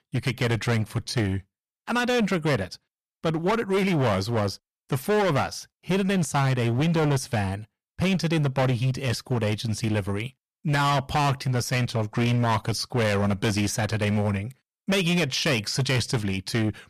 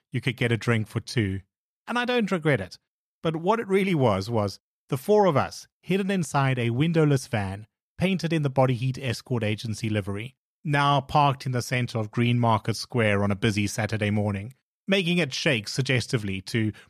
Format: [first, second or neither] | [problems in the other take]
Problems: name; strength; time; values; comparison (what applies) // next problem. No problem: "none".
second | distortion; heavy; 16% of the sound clipped